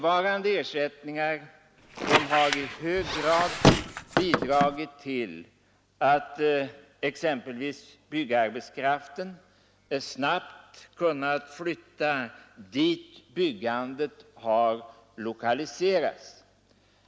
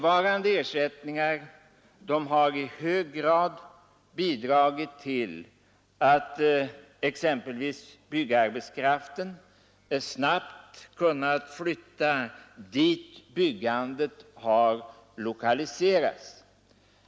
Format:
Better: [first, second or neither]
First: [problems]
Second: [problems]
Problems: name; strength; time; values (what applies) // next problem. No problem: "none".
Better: second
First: background sound (Squeak); 2 dB above the speech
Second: none